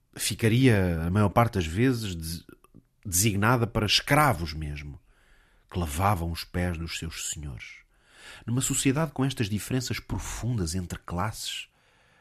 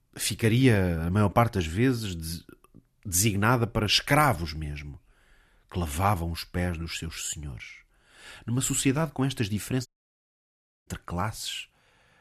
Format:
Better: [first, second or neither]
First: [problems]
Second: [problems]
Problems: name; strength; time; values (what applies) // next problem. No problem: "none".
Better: first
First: none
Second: audio cutting out; at 10 s for 1 s